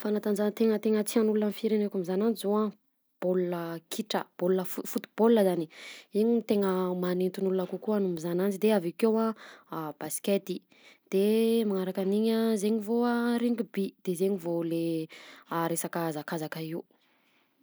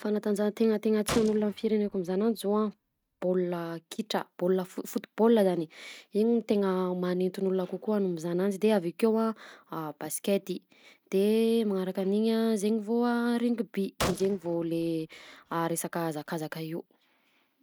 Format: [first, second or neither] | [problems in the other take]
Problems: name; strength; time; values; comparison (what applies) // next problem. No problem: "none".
first | noise reduction (neural mask model RNNoise)